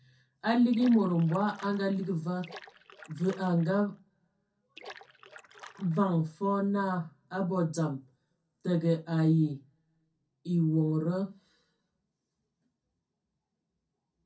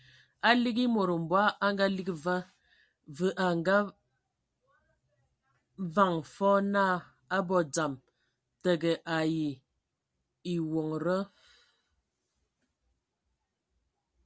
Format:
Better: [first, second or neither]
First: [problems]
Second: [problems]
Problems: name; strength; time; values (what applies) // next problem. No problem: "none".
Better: second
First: background sound (Splash, splatter); 20 dB below the speech // room echo; dies away in 0.3 s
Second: none